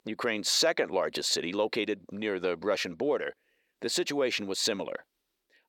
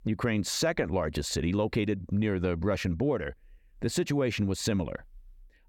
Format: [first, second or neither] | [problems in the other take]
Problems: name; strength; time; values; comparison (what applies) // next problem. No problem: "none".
second | thin; somewhat; fading below 450 Hz